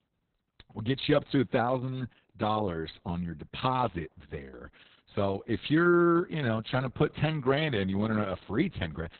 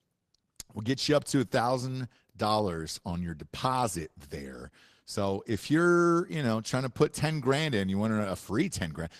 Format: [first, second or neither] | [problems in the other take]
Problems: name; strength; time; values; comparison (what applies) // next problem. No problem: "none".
second | garbled, watery; badly; nothing above 4 kHz; slightly in the second